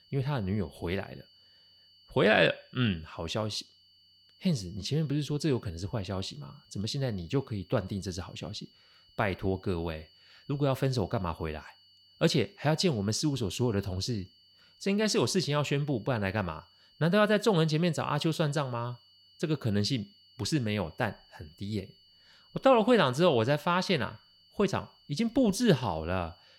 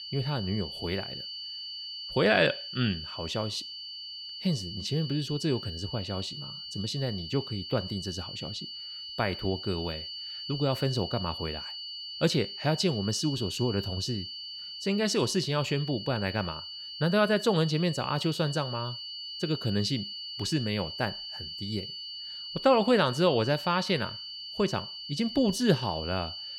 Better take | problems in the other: first | high-pitched whine; loud; throughout; 4.5 kHz, 8 dB below the speech; faint in the first

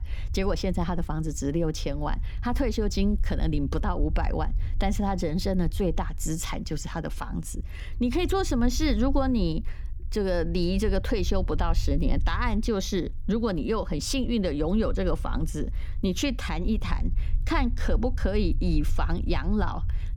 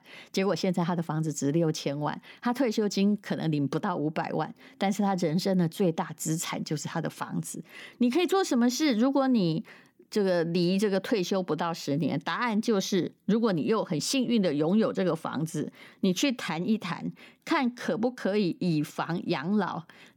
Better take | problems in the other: second | low rumble; faint; throughout; 20 dB below the speech

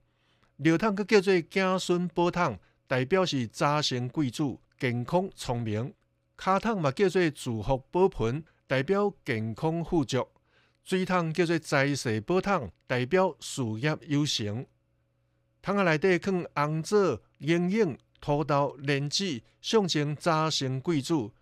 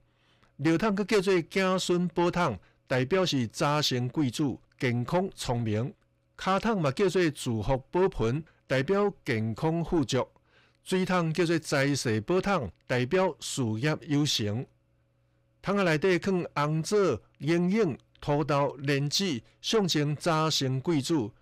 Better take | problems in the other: first | distortion; slight; 10 dB below the speech

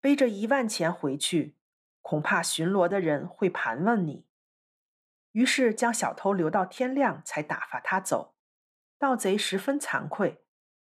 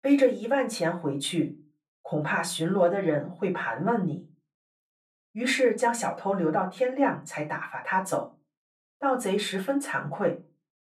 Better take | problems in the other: first | off-mic speech; far // room echo; very slight; dies away in 0.2 s

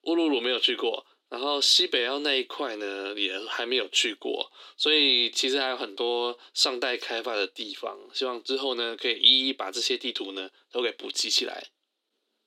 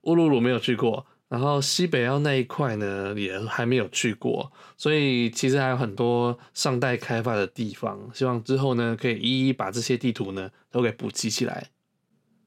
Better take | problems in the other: second | thin; somewhat; fading below 300 Hz

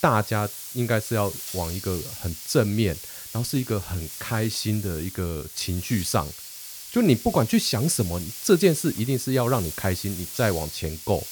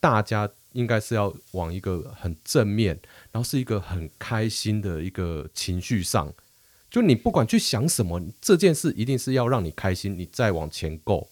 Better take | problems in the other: second | hiss; loud; throughout; 9 dB below the speech; faint in the second

